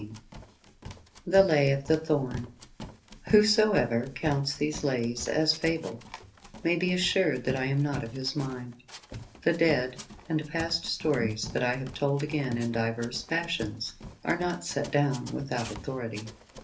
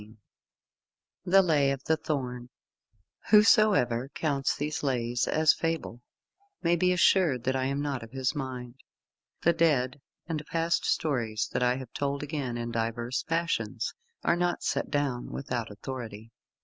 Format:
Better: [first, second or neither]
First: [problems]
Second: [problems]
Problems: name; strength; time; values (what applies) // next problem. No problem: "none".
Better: second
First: background sound (Run); 15 dB below the speech // room echo; dies away in 0.3 s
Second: none